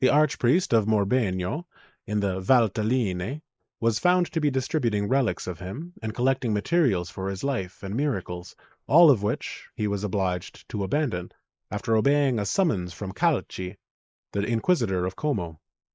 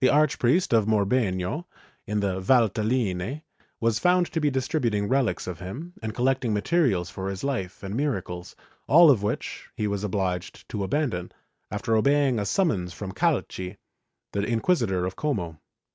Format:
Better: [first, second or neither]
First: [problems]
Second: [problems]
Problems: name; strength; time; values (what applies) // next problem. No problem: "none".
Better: second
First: noise reduction (neural mask model Resemble Enhance denoiser)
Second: none